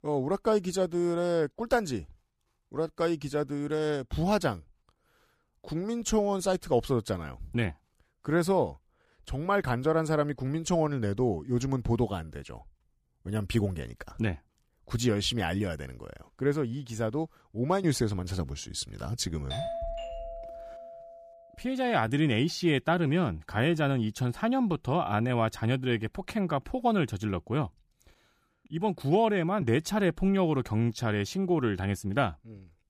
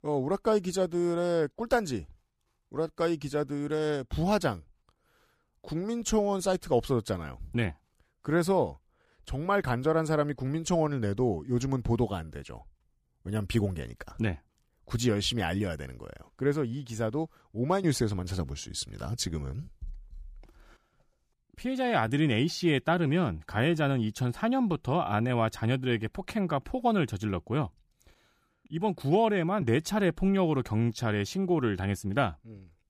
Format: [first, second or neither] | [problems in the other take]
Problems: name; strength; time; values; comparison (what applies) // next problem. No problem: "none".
second | doorbell; noticeable; from 20 to 21 s; peak 6 dB below the speech